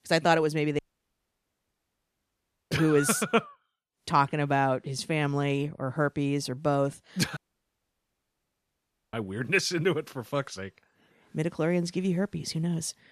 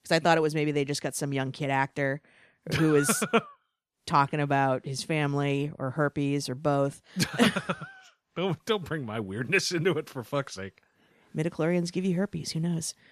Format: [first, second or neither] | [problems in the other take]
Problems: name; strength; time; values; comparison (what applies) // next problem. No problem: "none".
second | audio cutting out; at 1 s for 2 s and at 7.5 s for 2 s